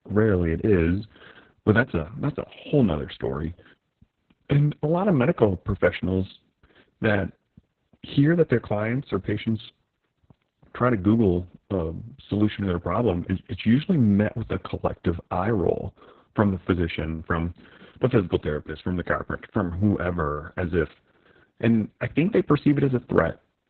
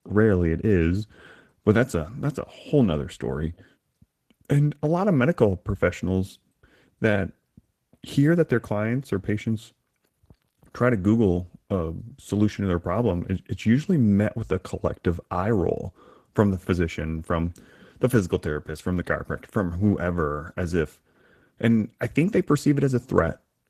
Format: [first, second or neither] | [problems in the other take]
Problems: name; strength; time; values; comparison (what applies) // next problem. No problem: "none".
second | garbled, watery; badly; slightly in the second